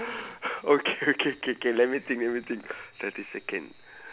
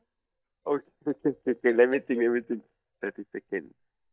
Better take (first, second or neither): first